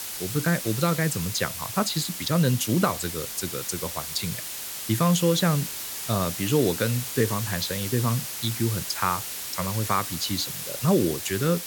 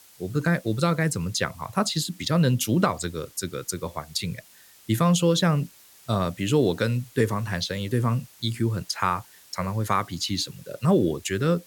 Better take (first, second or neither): second